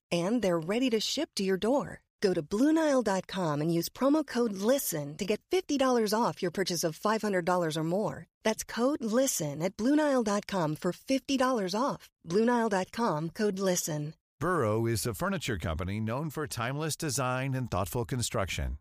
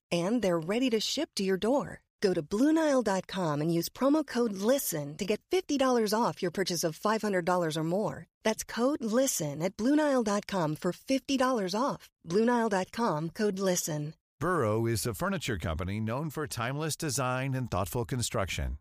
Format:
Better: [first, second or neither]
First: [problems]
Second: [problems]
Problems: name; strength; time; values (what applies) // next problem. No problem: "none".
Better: neither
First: none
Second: none